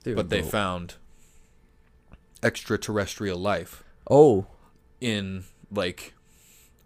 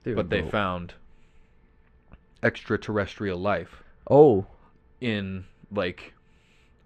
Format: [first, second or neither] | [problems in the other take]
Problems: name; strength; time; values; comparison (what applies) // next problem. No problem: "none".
first | muffled; slightly; fading above 2.5 kHz